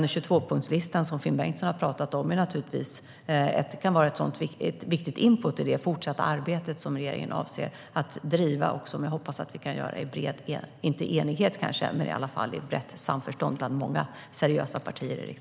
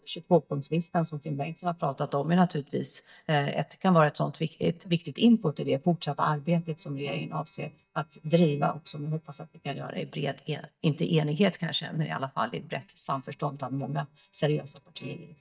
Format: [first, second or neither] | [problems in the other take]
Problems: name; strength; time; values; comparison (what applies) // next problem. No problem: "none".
first | noise reduction (neural mask model DeepFilterNet 3)